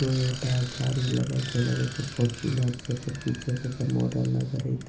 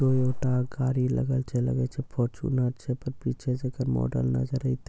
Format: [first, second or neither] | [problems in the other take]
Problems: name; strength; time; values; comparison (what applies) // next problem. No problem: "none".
second | background sound (Bicycle); 12 dB below the speech // room echo; dies away in 0.3 s